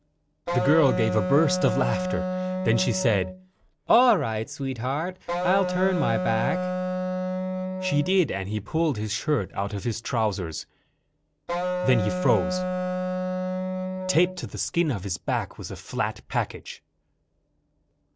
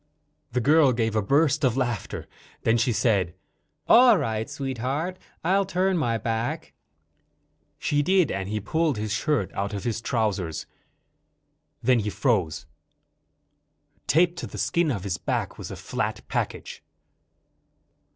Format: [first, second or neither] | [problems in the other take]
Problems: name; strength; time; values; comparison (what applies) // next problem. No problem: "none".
second | background sound (Wind instrument, woodwind instrument); 2 dB below the speech